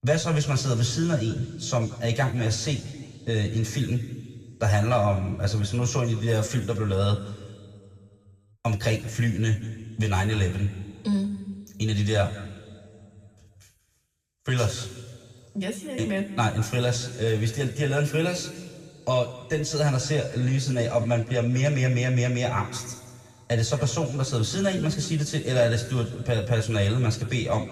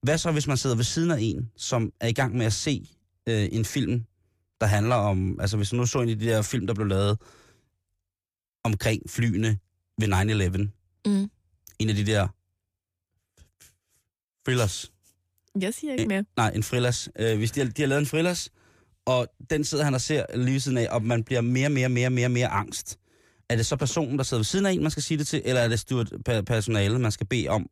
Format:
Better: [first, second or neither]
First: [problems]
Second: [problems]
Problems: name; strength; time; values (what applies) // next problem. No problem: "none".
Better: second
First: room echo; noticeable; dies away in 1.8 s // off-mic speech; somewhat distant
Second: none